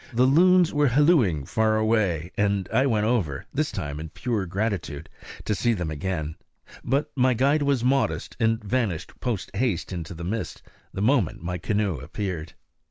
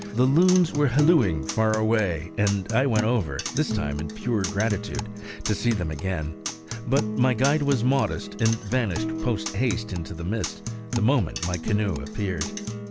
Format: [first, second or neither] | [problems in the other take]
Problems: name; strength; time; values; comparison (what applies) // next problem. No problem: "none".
first | background sound (Acoustic guitar); 7 dB below the speech